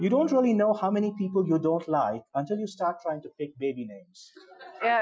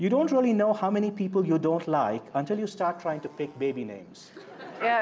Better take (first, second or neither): second